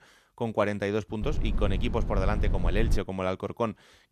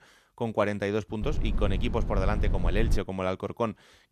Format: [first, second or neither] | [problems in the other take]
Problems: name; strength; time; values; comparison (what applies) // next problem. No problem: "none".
neither | low rumble; very faint; from 1 to 3 s; 15 dB below the speech; the same in both